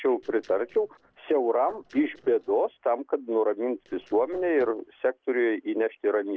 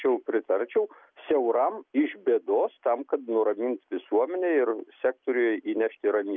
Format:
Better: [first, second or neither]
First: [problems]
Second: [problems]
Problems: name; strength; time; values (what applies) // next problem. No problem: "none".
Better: second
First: noise reduction (neural separator model SepFormer DNS4)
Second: none